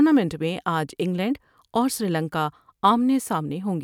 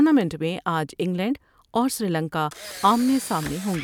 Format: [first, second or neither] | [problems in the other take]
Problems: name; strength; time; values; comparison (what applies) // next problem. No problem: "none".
first | background sound (Camera); 18 dB below the speech